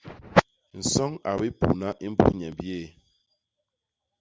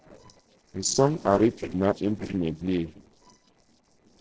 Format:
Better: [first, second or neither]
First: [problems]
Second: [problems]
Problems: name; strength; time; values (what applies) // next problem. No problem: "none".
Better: first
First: none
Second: noise reduction (neural separator model SepFormer DNS4)